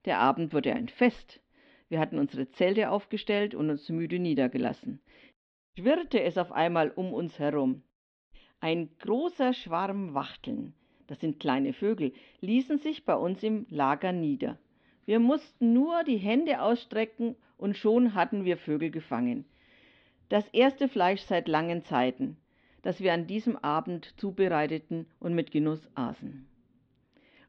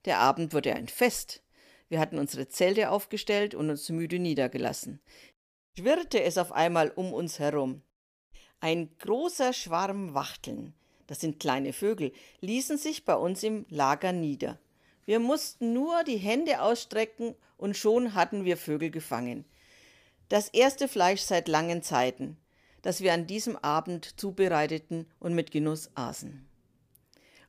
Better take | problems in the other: second | muffled; very; fading above 3.5 kHz

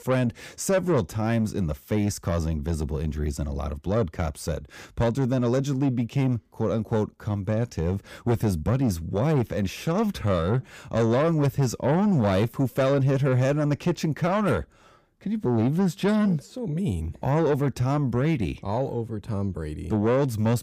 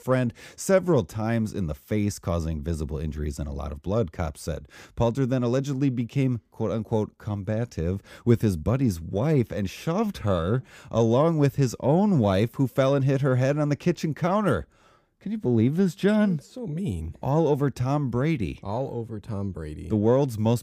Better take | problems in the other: second | distortion; slight; 10 dB below the speech

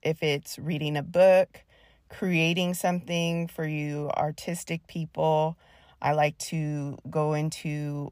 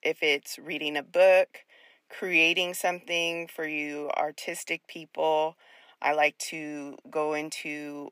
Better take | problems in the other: first | thin; somewhat; fading below 300 Hz

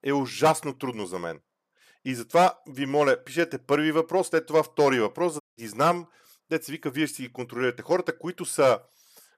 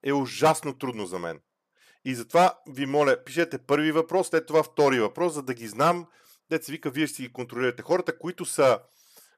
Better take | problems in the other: second | audio cutting out; at 5.5 s

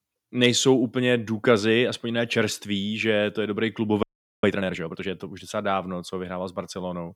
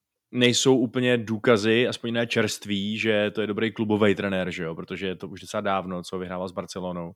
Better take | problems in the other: second | audio freezing; at 4 s

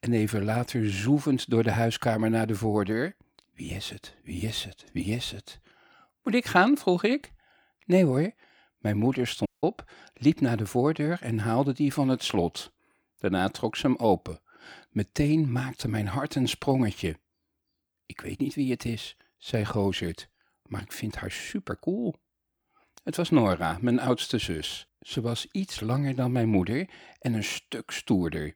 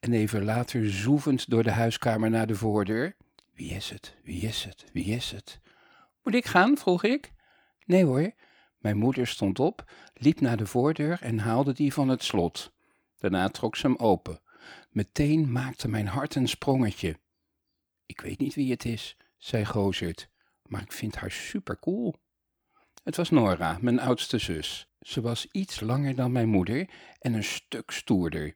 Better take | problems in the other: second | audio cutting out; at 9.5 s

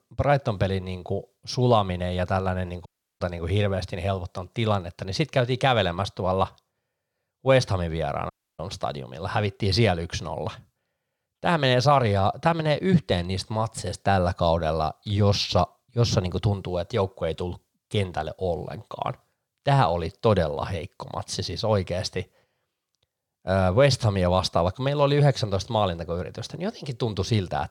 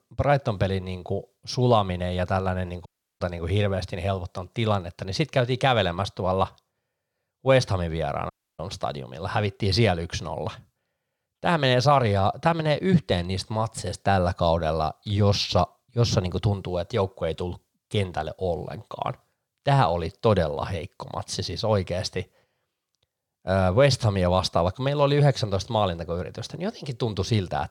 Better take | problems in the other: neither | audio cutting out; at 3 s and at 8.5 s; the same in both

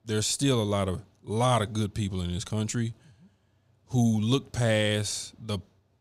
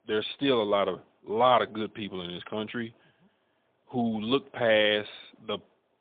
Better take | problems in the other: first | phone-call audio; poor line; nothing above 3.5 kHz

